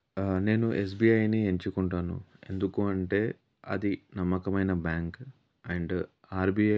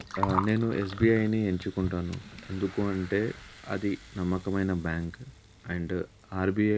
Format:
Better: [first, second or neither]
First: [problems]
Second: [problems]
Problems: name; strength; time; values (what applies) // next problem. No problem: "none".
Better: first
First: none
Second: background sound (Gurgling); 11 dB below the speech